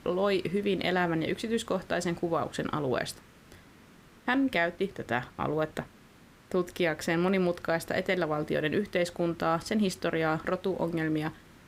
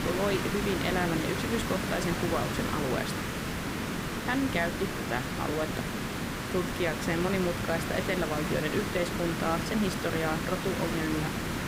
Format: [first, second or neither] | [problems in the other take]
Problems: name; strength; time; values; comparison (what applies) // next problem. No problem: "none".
first | hiss; loud; throughout; as loud as the speech; faint in the first